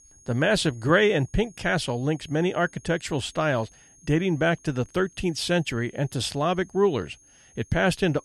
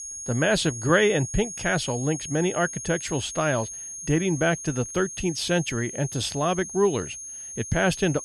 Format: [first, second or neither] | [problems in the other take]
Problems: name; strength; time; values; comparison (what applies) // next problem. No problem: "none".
first | high-pitched whine; loud; throughout; 6.5 kHz, 9 dB below the speech; faint in the first